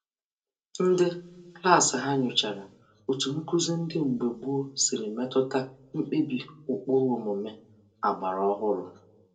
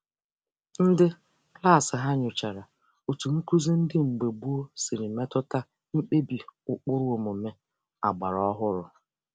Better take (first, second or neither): second